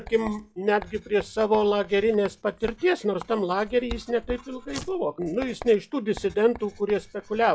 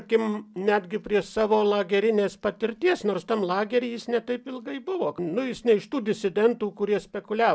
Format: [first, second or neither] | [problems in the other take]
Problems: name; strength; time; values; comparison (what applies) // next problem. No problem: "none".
second | noise reduction (classical method log-MMSE)